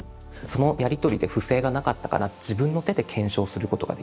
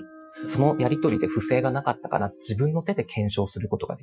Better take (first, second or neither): first